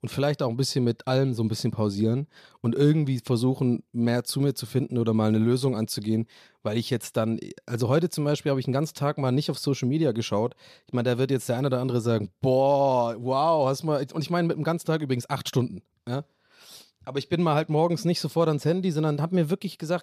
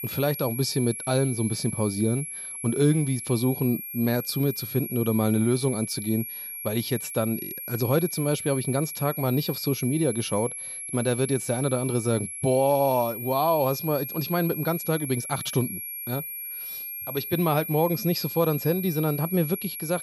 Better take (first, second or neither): first